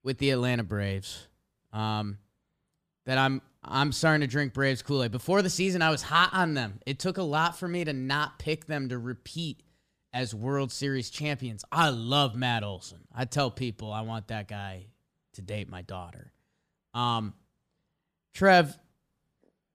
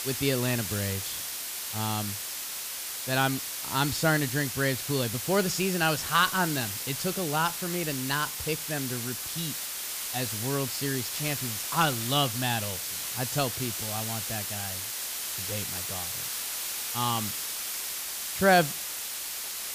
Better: first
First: none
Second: hiss; loud; throughout; 2 dB below the speech

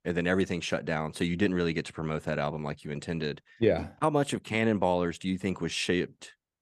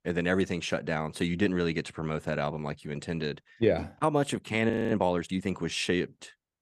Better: first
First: none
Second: audio freezing; at 4.5 s

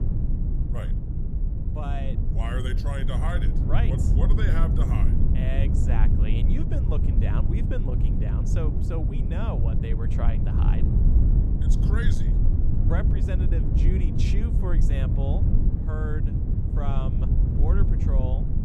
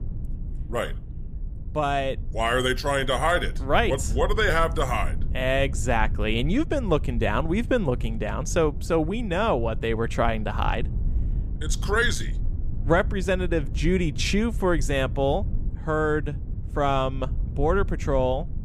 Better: second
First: low rumble; loud; throughout; as loud as the speech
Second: low rumble; faint; throughout; 20 dB below the speech

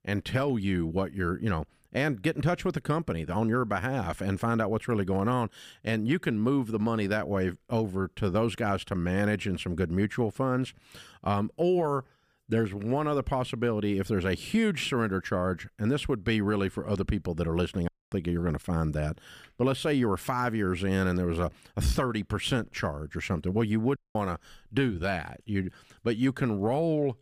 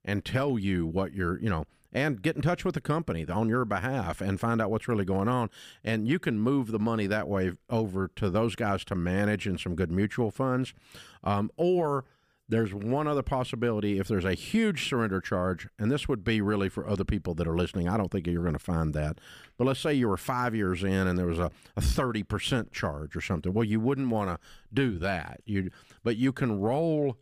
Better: second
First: audio cutting out; at 18 s and at 24 s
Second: none

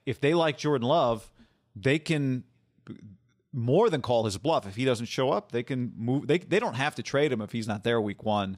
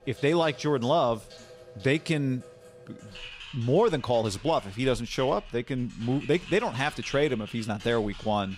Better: first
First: none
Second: household noises; noticeable; throughout; 20 dB below the speech

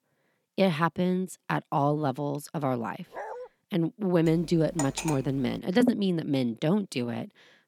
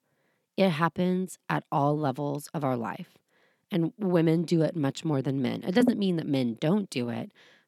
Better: second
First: dog barking; faint; at 3 s; peak 10 dB below the speech // clattering dishes; noticeable; at 4.5 s; peak 6 dB below the speech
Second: none

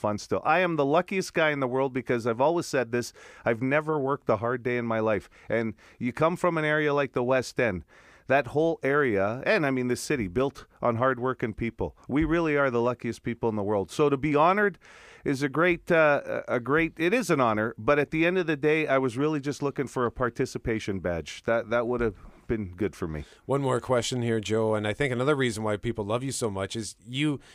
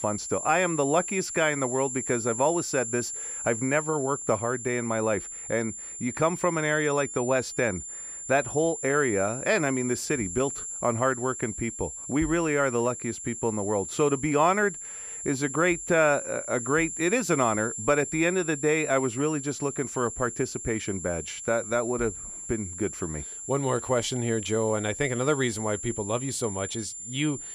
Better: first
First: none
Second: high-pitched whine; loud; throughout; 7.5 kHz, 7 dB below the speech

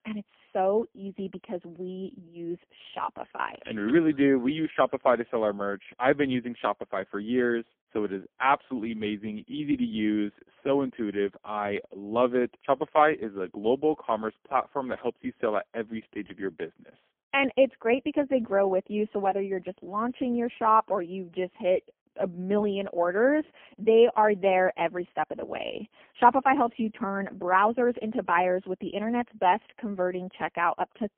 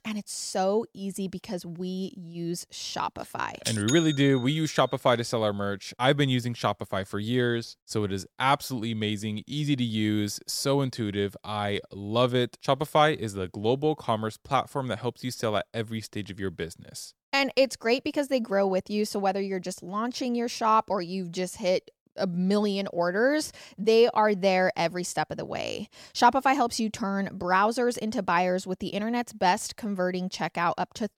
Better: second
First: phone-call audio; poor line; nothing above 3.5 kHz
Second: none

